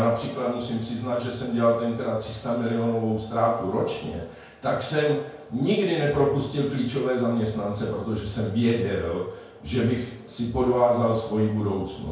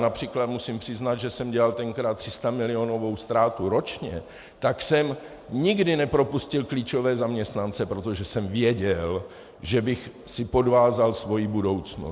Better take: second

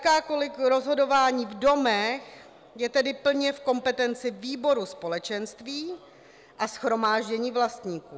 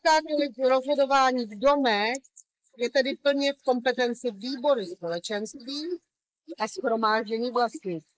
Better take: first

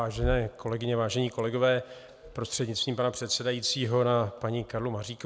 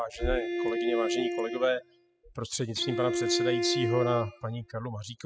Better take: first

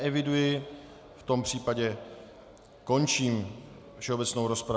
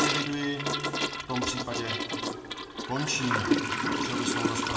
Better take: first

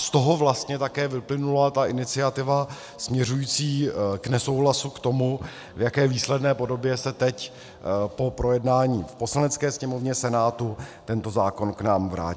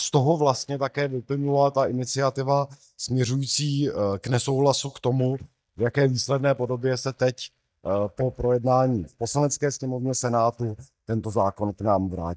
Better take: first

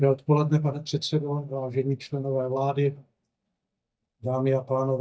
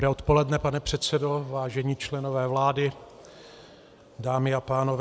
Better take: second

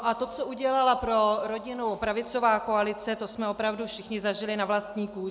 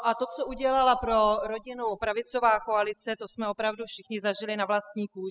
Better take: first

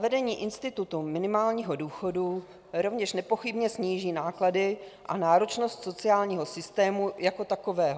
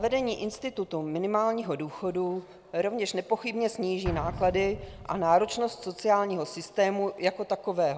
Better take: first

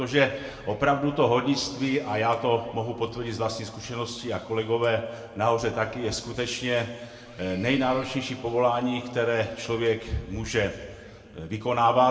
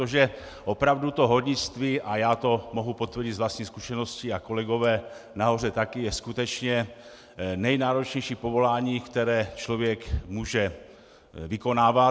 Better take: second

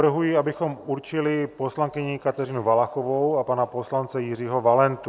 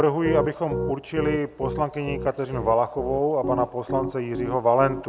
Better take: first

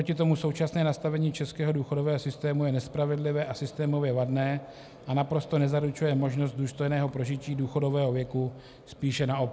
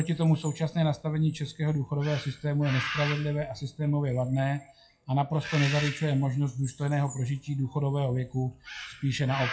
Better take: first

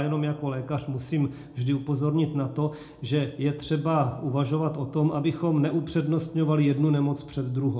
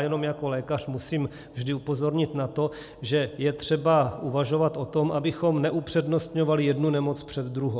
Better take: second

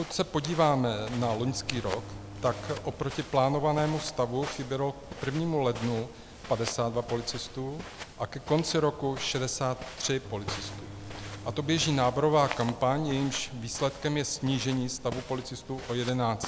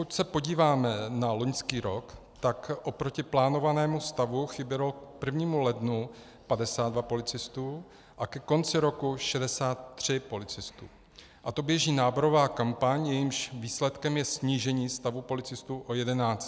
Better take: second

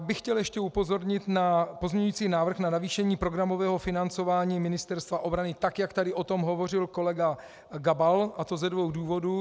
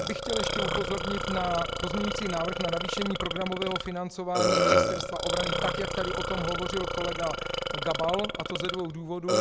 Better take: first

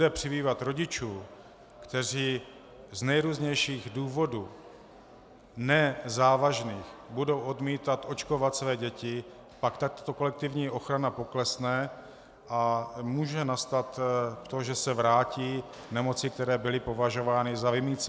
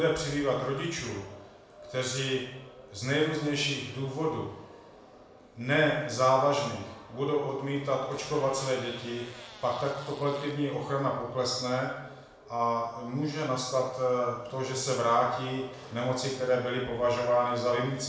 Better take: first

